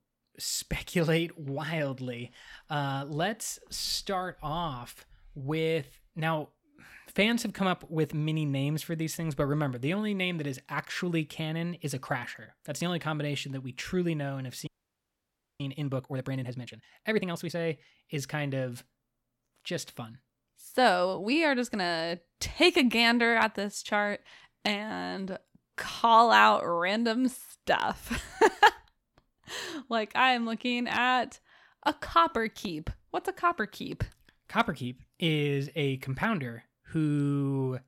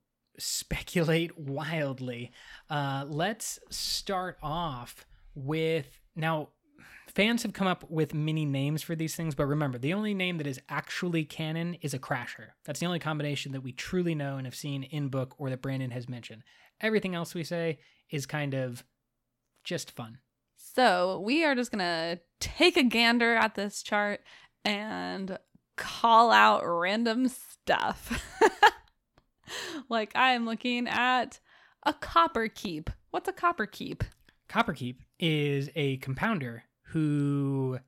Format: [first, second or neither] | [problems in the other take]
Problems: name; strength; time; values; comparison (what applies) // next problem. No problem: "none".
second | audio freezing; at 15 s for 1 s